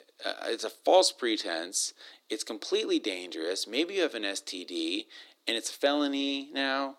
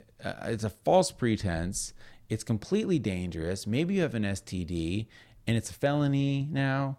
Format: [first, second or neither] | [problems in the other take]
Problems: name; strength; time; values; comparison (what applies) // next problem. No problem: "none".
second | thin; somewhat; fading below 300 Hz